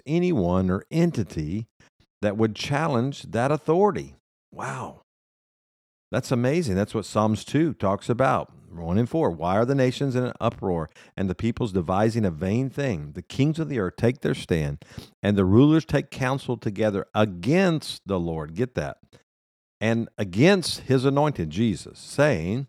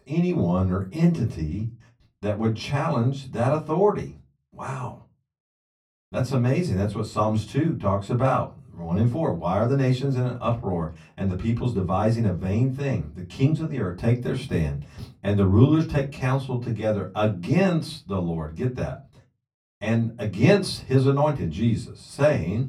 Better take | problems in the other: first | off-mic speech; far // room echo; very slight; dies away in 0.2 s

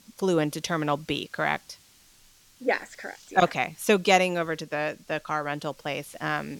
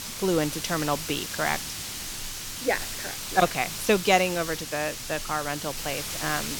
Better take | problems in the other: first | hiss; loud; throughout; 5 dB below the speech; faint in the first

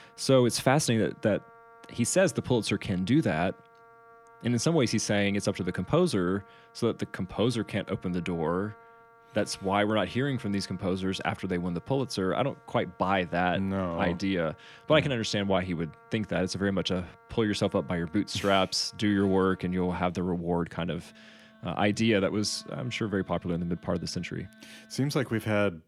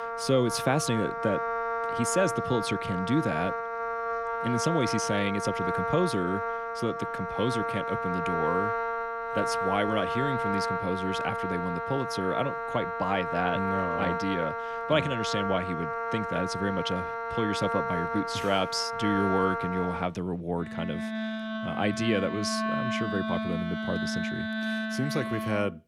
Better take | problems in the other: first | background music; loud; throughout; 1 dB below the speech; faint in the first

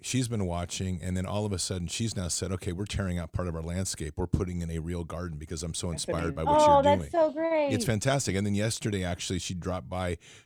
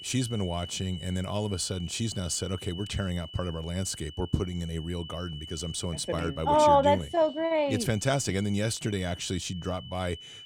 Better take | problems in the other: first | high-pitched whine; noticeable; throughout; 3 kHz, 15 dB below the speech

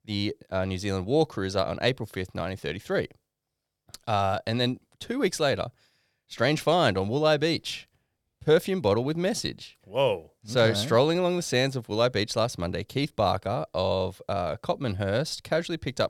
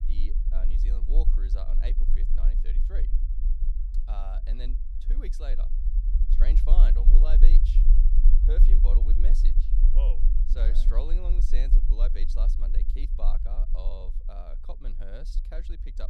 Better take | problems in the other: first | low rumble; loud; throughout; 5 dB below the speech

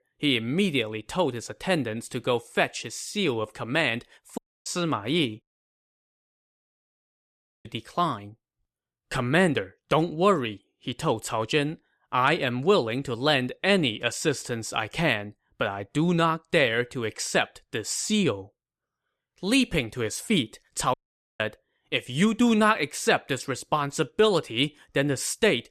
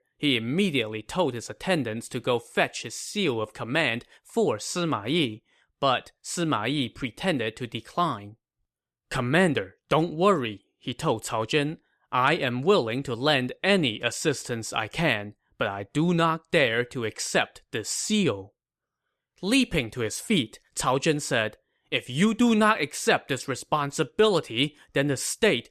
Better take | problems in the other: second | audio cutting out; at 4.5 s, at 5.5 s for 2 s and at 21 s

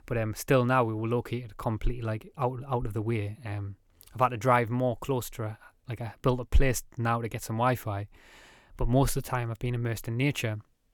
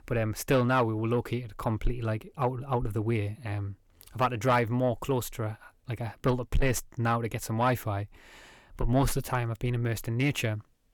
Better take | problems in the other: first | distortion; slight; 10 dB below the speech

